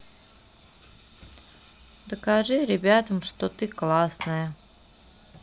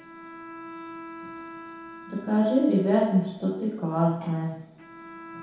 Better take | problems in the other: first | background sound (Bowed string instrument); 17 dB below the speech // room echo; dies away in 0.8 s

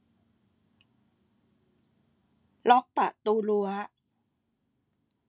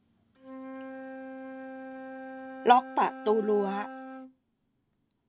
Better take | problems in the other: first | background sound (Wind instrument, woodwind instrument); 12 dB below the speech

